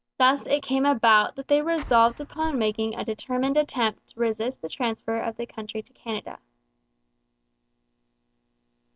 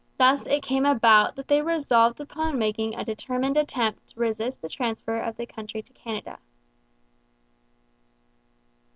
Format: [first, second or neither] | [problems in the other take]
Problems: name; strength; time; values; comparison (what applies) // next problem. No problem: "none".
second | noise reduction (neural mask model DeepFilterNet 3)